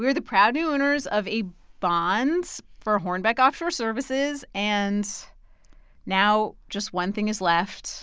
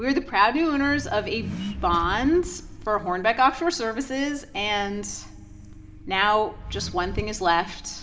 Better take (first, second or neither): first